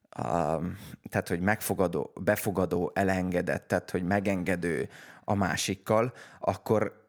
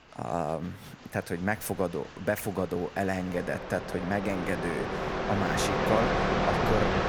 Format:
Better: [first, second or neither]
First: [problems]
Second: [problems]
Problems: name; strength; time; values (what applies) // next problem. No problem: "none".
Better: first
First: none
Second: train or aircraft noise; very loud; throughout; 2 dB above the speech